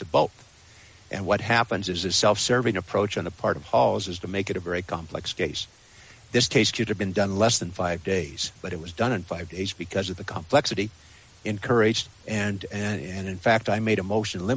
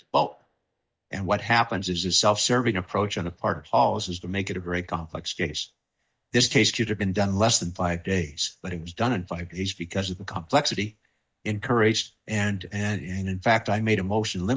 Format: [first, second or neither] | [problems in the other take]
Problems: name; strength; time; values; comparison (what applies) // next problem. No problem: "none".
first | noise reduction (neural mask model DeepFilterNet 3)